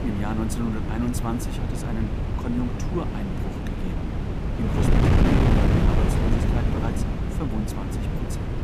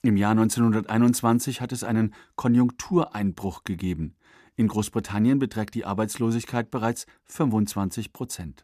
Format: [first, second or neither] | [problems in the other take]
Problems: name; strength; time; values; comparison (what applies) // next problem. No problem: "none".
second | wind noise on the microphone; heavy; 4 dB above the speech